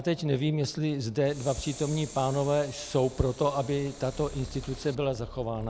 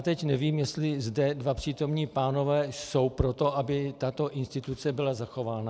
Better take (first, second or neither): second